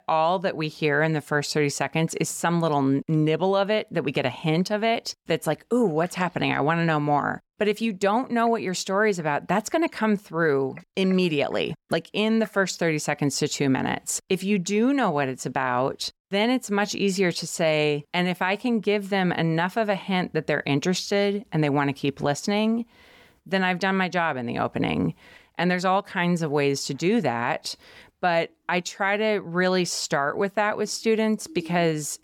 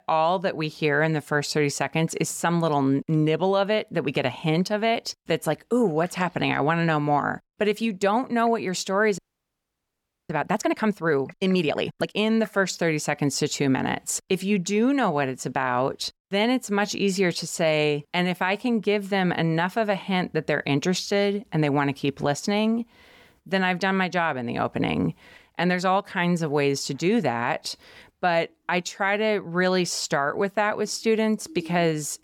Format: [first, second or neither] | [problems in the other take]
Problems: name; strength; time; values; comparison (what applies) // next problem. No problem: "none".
first | audio freezing; at 9 s for 1 s